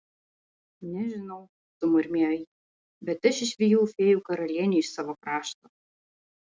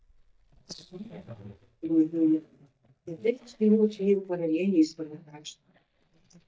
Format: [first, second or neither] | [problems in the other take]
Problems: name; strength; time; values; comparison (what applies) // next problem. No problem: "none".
first | noise reduction (neural mask model DeepFilterNet 3)